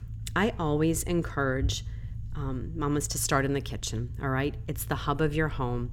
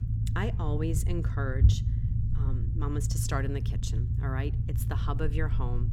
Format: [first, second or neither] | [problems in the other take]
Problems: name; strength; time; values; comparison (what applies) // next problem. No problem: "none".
first | low rumble; loud; throughout; 6 dB below the speech; faint in the first